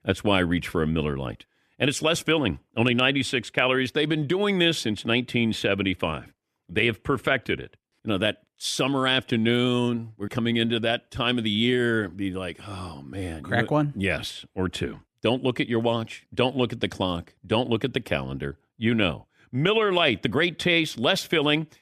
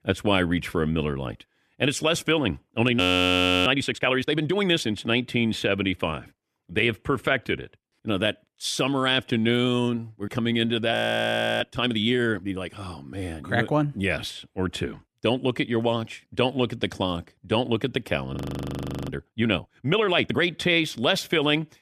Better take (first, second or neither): first